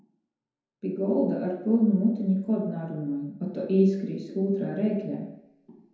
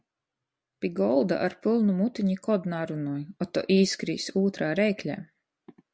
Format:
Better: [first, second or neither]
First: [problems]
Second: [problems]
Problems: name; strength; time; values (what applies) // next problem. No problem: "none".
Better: second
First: room echo; dies away in 0.9 s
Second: none